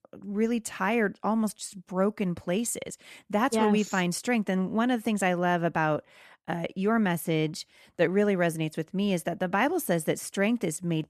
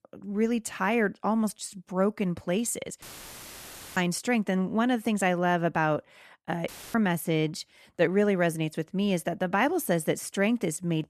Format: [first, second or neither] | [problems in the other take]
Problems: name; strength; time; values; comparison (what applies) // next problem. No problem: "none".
first | audio cutting out; filled with static; at 3 s for 1 s and at 6.5 s